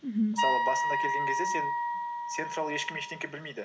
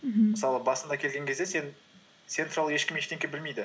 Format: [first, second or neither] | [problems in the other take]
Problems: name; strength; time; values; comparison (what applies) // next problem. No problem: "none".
second | background sound (Wind instrument, woodwind instrument); 3 dB above the speech